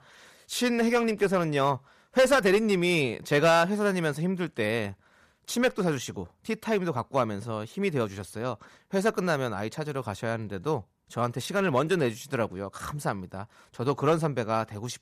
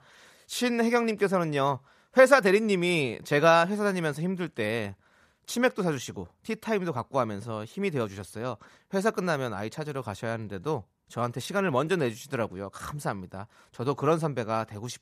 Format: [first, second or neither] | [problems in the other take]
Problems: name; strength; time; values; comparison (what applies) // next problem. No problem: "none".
second | distortion; slight; 2% of the sound clipped